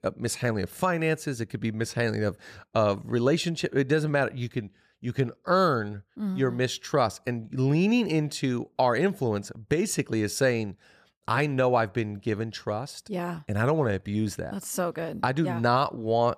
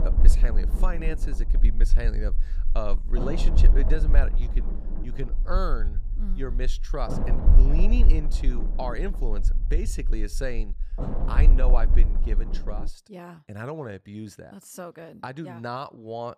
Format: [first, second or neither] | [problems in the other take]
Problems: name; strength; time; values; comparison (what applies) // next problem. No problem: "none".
first | low rumble; loud; until 13 s; 7 dB below the speech